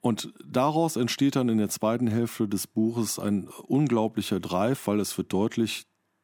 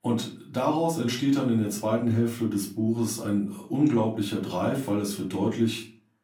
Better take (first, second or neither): first